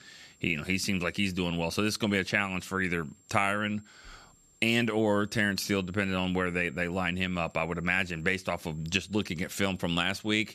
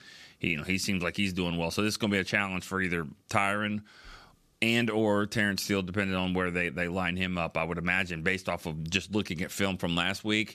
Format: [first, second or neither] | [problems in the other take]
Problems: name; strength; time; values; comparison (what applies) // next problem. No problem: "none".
second | high-pitched whine; faint; throughout; 7.5 kHz, 30 dB below the speech